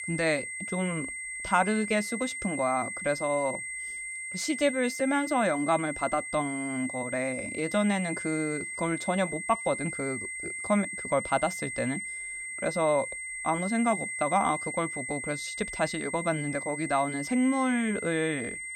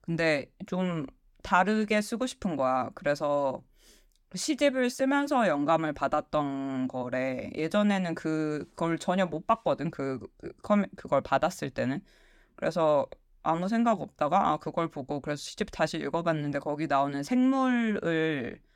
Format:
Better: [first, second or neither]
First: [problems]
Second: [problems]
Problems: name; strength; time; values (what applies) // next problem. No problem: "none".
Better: second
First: high-pitched whine; loud; throughout; 2 kHz, 5 dB below the speech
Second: none